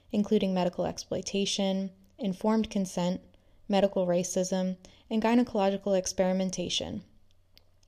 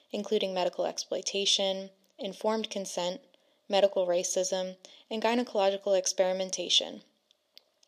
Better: first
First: none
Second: thin; somewhat; fading below 300 Hz

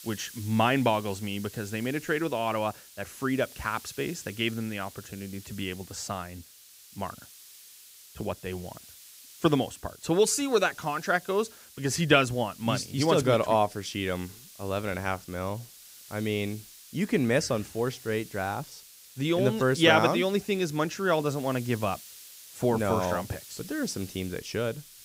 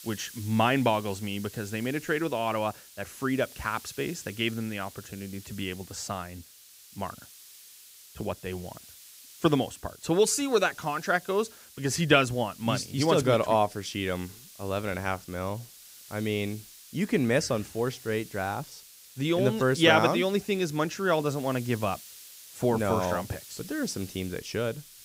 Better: neither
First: hiss; noticeable; throughout; 20 dB below the speech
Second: hiss; noticeable; throughout; 20 dB below the speech

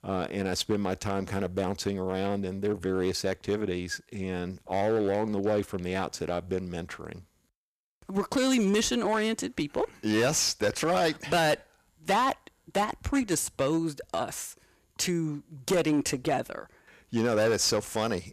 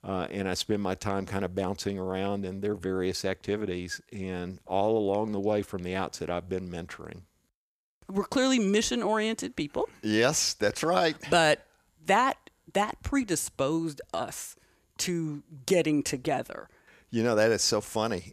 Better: second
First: distortion; slight; 6% of the sound clipped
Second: none

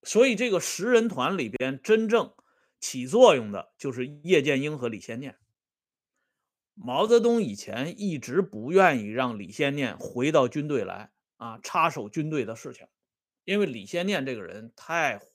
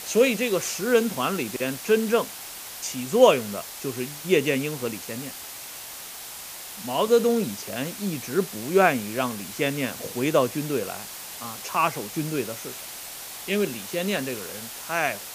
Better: first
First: none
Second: hiss; noticeable; throughout; 10 dB below the speech

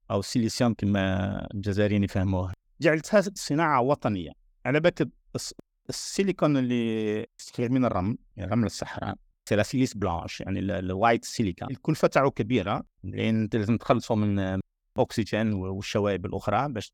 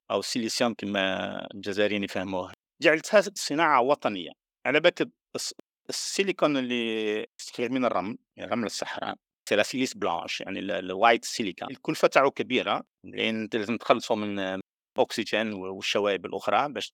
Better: first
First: none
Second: thin; somewhat; fading below 350 Hz

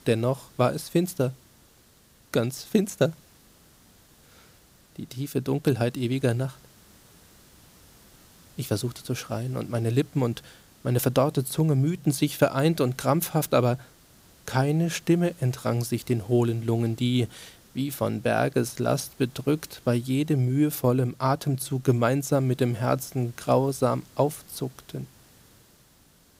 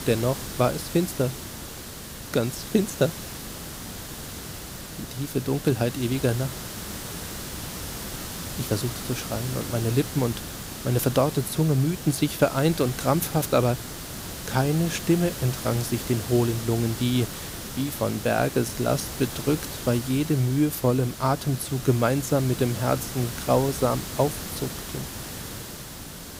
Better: first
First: hiss; faint; throughout; 30 dB below the speech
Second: hiss; loud; throughout; 9 dB below the speech

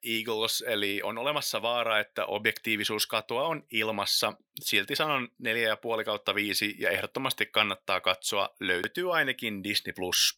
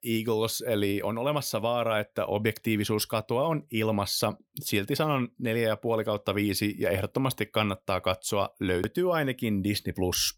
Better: second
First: thin; somewhat; fading below 950 Hz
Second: none

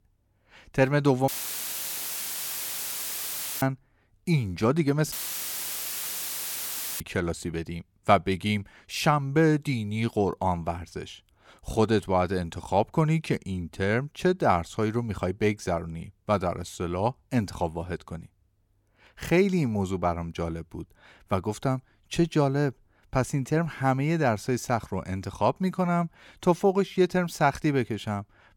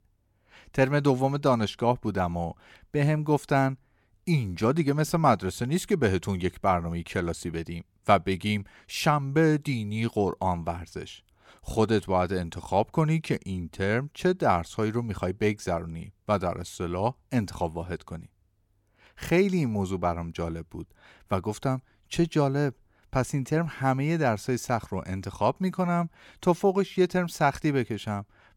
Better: second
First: audio cutting out; filled with static; at 1.5 s for 2.5 s and at 5 s for 2 s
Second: none

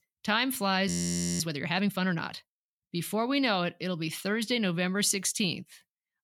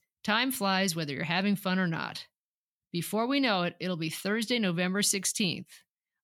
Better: second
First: audio freezing; at 1 s for 0.5 s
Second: none

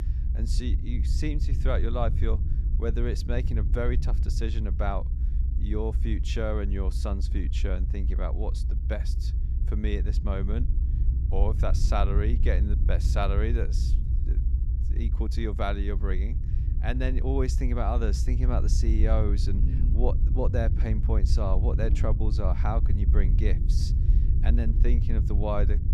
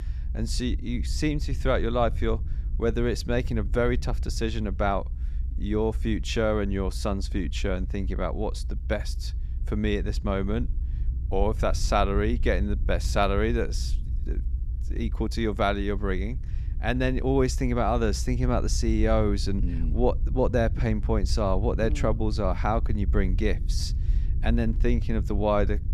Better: second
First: low rumble; loud; throughout; 10 dB below the speech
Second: low rumble; faint; throughout; 20 dB below the speech

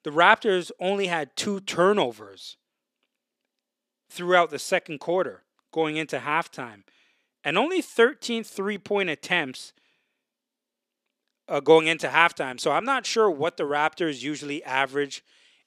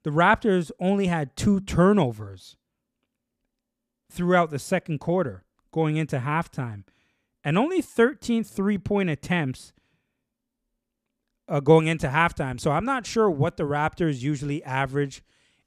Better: second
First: thin; somewhat; fading below 400 Hz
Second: none

